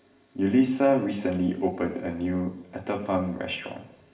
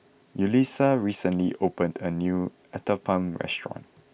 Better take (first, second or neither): second